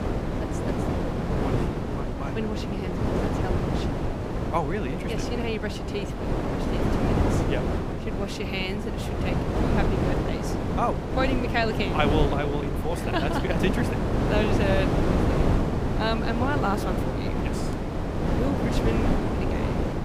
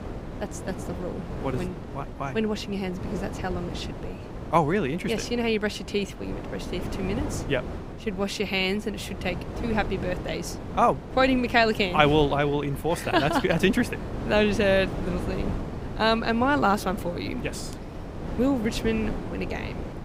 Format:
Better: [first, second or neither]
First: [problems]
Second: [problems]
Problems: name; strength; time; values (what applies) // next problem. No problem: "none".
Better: second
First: wind noise on the microphone; heavy; as loud as the speech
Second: wind noise on the microphone; occasional gusts; 15 dB below the speech